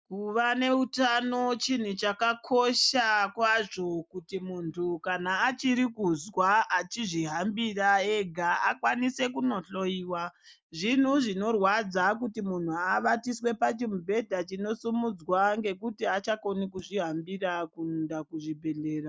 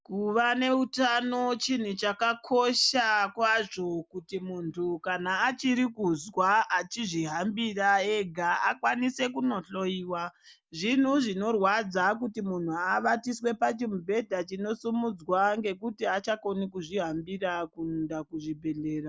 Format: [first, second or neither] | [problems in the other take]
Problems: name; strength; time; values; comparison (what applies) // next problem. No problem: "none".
second | noise reduction (neural mask model DeepFilterNet 3)